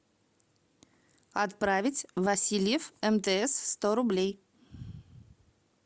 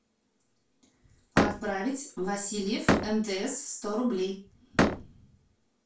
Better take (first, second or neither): first